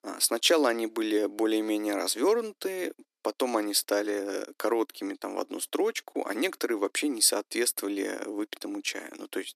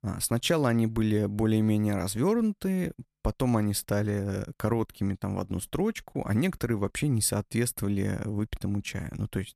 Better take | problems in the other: second | thin; somewhat; fading below 300 Hz

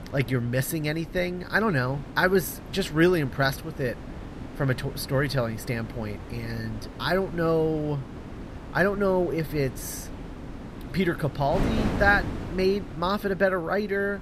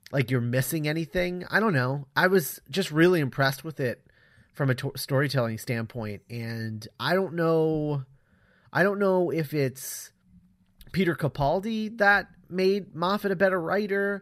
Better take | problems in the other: second | wind noise on the microphone; occasional gusts; 15 dB below the speech

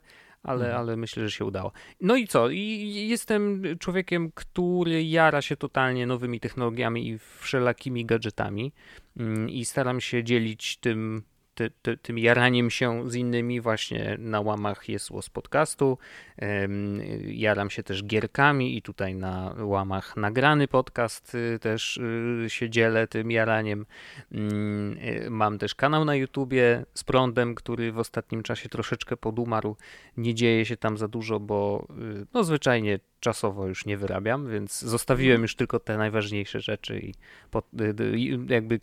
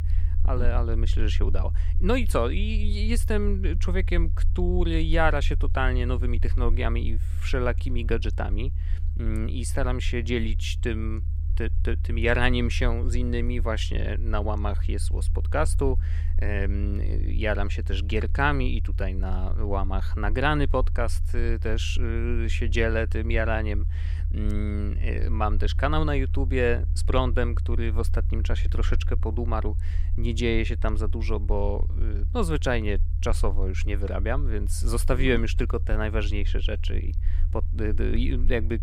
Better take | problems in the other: first | low rumble; noticeable; throughout; 15 dB below the speech

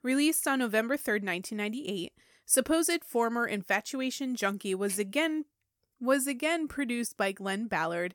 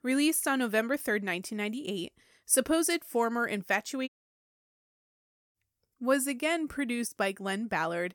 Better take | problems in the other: first | audio cutting out; at 4 s for 1.5 s

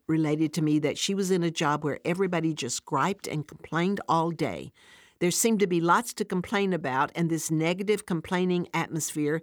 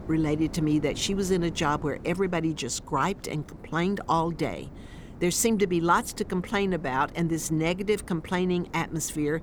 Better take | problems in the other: first | wind noise on the microphone; occasional gusts; 20 dB below the speech

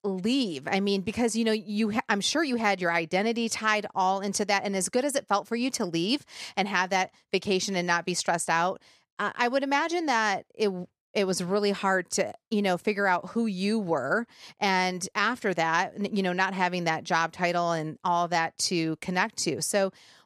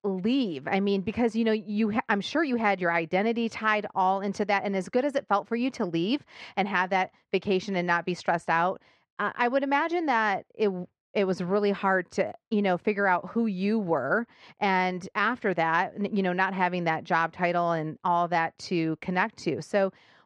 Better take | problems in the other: first | muffled; slightly; fading above 2.5 kHz

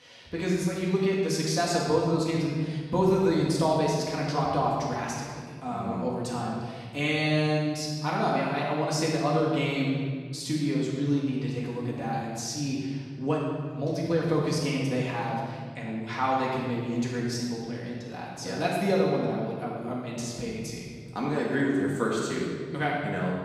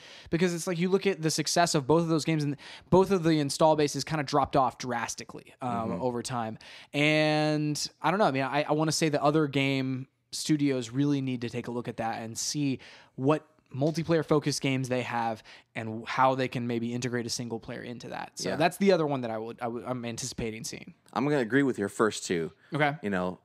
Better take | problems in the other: second | off-mic speech; far // room echo; strong; dies away in 1.9 s

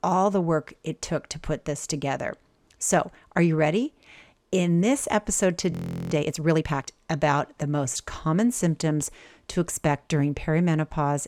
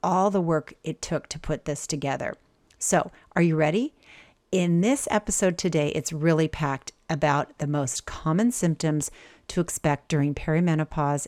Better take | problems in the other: second | audio freezing; at 5.5 s

